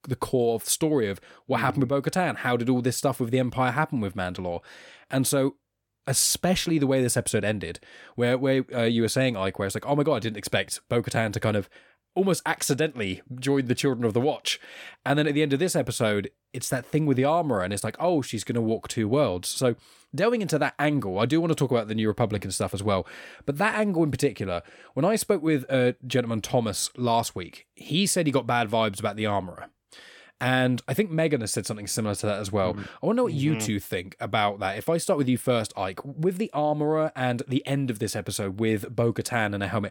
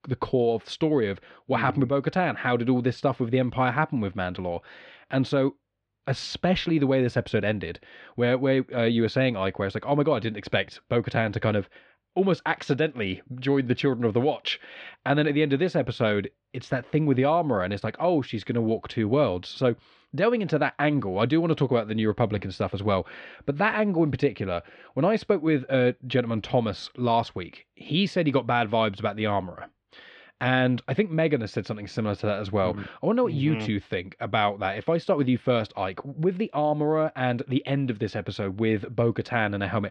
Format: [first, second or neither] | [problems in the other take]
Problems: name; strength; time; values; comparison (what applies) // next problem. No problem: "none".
first | muffled; slightly; fading above 4 kHz